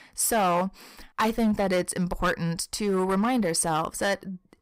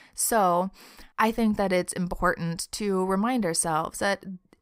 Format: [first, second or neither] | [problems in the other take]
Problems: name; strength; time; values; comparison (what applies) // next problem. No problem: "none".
second | distortion; slight; 9% of the sound clipped